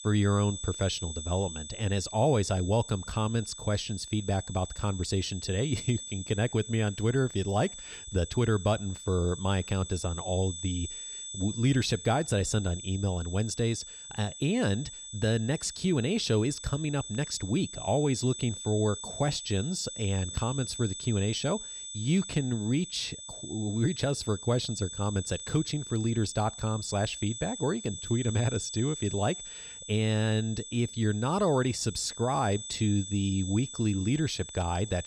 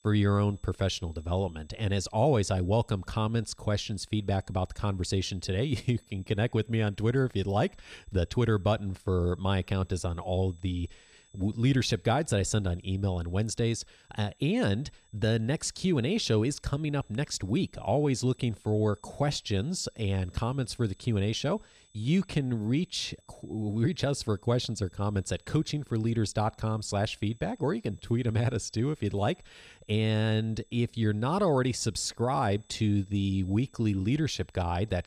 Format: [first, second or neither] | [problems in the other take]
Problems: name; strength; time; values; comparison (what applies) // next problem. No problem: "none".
second | high-pitched whine; loud; throughout; 8 kHz, 10 dB below the speech; faint in the second